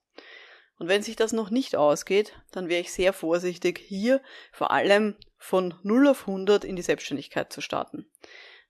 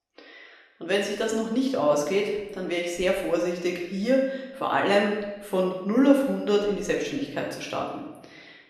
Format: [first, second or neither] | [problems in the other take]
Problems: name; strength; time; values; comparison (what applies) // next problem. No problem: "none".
first | room echo; noticeable; dies away in 0.8 s // off-mic speech; far